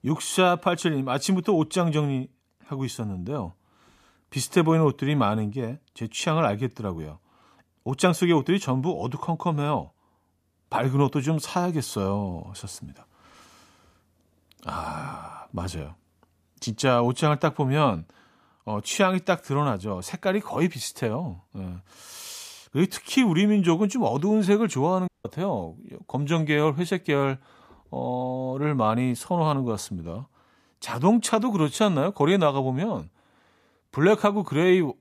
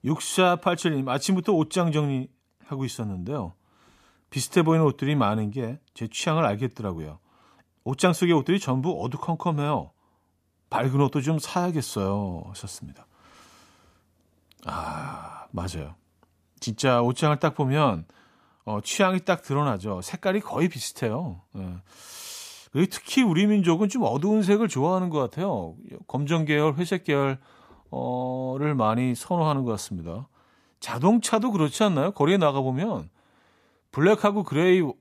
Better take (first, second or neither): second